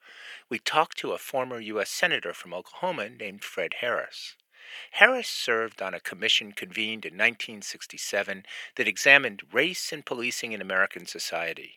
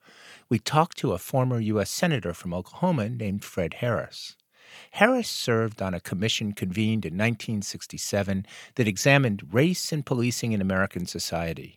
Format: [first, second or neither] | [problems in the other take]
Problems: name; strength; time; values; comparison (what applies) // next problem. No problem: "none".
second | thin; very; fading below 450 Hz